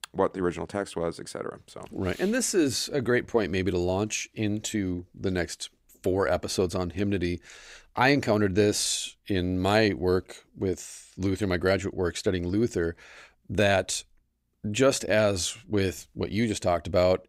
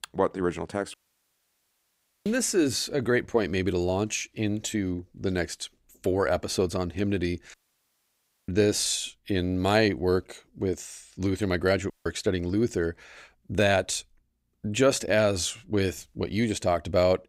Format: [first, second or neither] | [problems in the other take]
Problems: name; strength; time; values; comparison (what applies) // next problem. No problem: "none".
first | audio cutting out; at 1 s for 1.5 s, at 7.5 s for 1 s and at 12 s